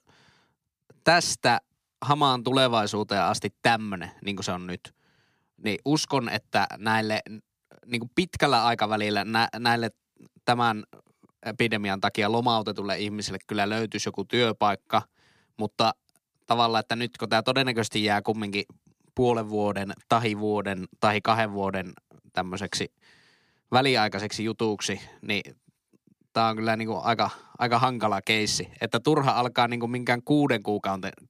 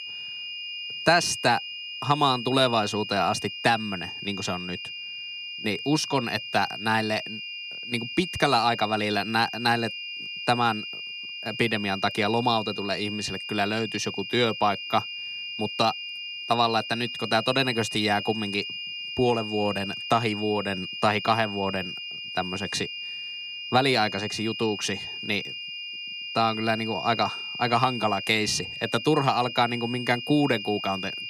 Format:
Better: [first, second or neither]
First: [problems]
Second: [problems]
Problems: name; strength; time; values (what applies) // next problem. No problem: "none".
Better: first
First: none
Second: high-pitched whine; loud; throughout; 3 kHz, 7 dB below the speech